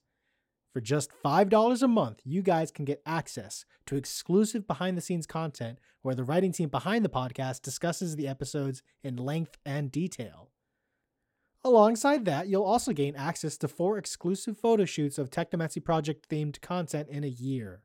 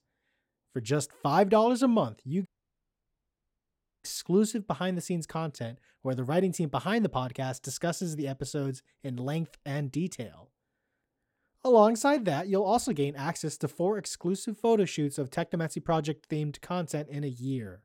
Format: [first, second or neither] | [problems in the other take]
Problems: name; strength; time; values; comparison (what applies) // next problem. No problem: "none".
first | audio cutting out; at 2.5 s for 1.5 s